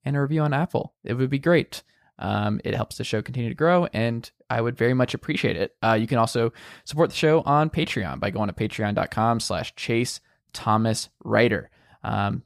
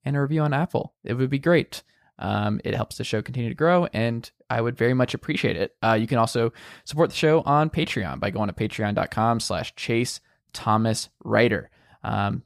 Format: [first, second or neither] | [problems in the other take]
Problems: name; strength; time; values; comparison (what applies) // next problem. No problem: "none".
neither | none